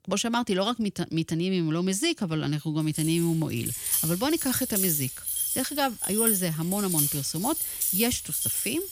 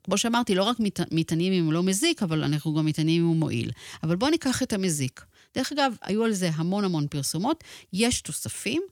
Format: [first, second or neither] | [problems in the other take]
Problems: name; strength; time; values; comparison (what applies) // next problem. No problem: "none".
second | jangling keys; loud; from 3 s on; peak 4 dB above the speech